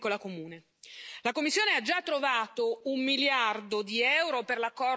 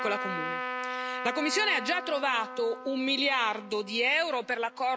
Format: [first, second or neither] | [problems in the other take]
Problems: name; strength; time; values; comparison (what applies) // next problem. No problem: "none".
first | background sound (Trumpet); 8 dB below the speech